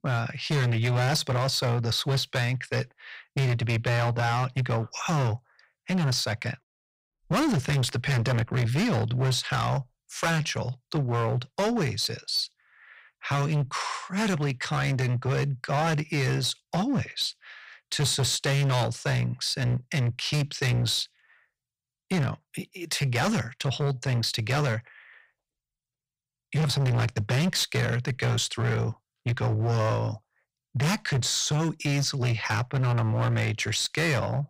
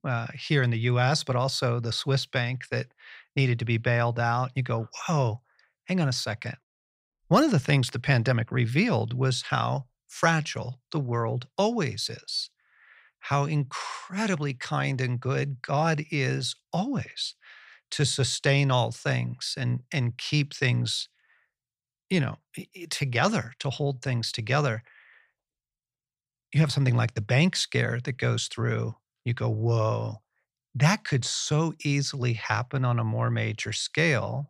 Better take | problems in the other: second | distortion; heavy; 16% of the sound clipped

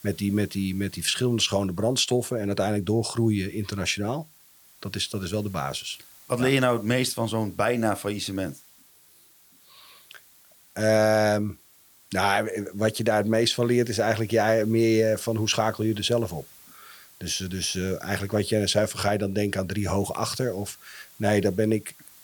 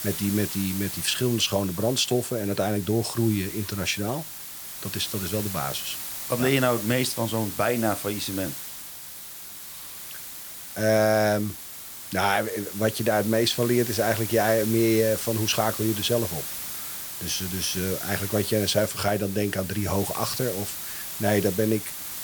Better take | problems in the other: first | hiss; loud; throughout; 7 dB below the speech; faint in the first

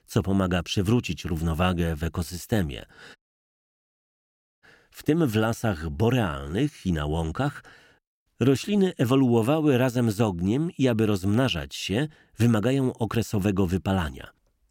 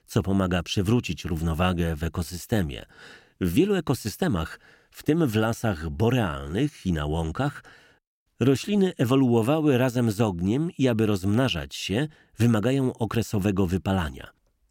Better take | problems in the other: second | audio cutting out; at 3 s for 1.5 s

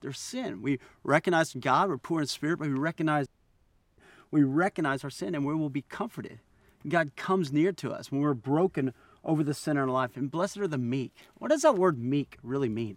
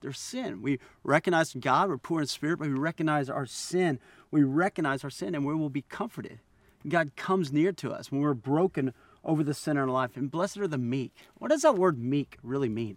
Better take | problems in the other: second | audio cutting out; at 3.5 s for 0.5 s

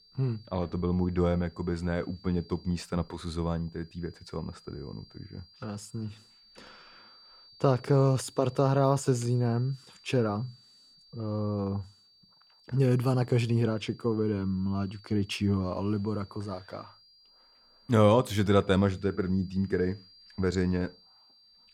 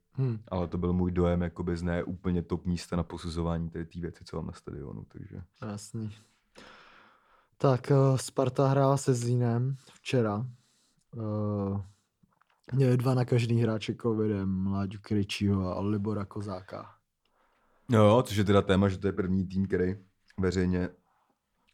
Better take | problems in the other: second | high-pitched whine; faint; throughout; 4.5 kHz, 25 dB below the speech

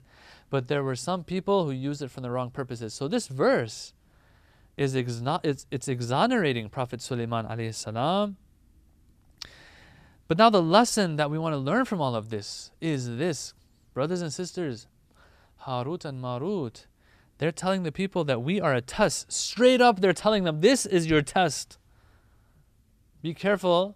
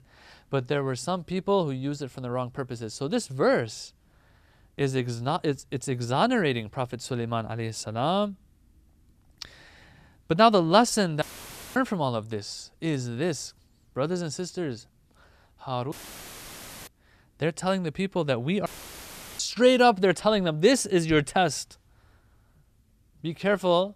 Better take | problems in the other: first | audio cutting out; filled with static; at 11 s for 0.5 s, at 16 s for 1 s and at 19 s for 0.5 s

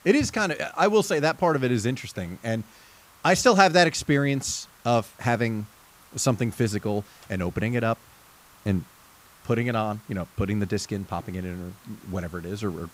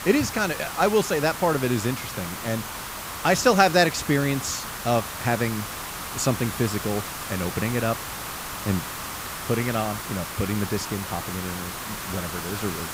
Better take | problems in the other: first | hiss; loud; throughout; 7 dB below the speech; faint in the first

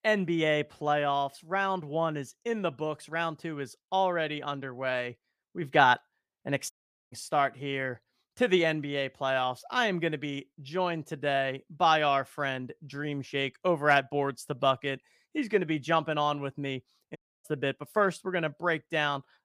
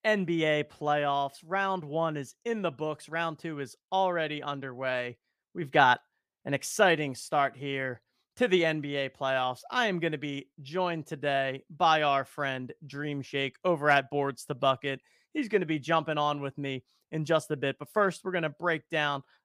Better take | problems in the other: second | audio cutting out; at 6.5 s and at 17 s

